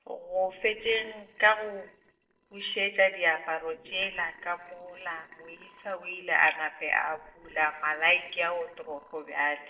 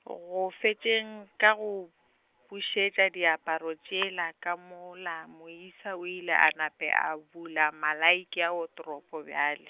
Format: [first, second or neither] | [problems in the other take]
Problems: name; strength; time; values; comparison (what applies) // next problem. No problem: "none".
second | noise reduction (neural separator model SepFormer DNS4)